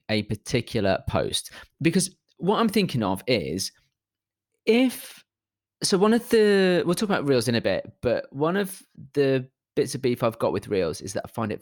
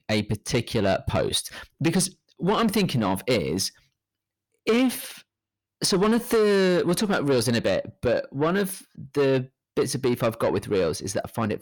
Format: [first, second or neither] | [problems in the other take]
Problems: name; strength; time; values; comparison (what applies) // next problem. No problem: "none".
first | distortion; slight; 10 dB below the speech